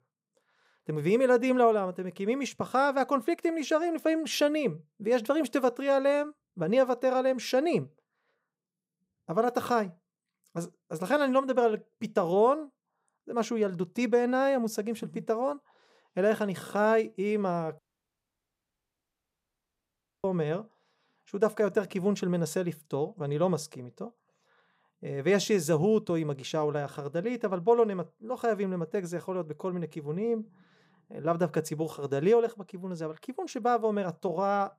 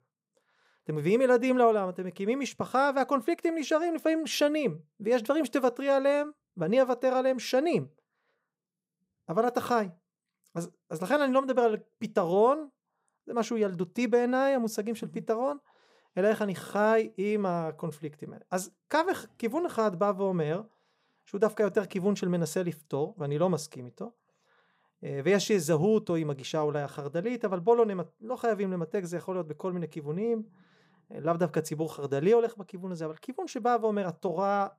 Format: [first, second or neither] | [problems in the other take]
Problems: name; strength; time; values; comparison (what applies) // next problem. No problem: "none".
second | audio cutting out; at 18 s for 2.5 s